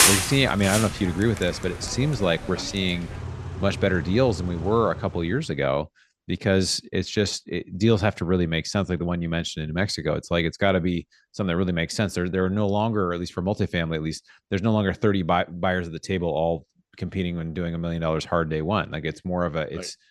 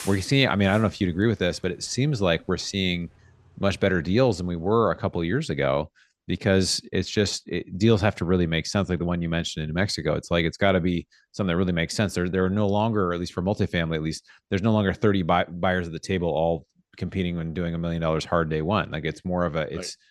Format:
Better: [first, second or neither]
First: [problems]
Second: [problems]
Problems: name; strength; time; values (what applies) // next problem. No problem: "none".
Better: second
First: traffic noise; loud; until 5 s; 5 dB below the speech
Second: traffic noise; faint; until 5 s; 30 dB below the speech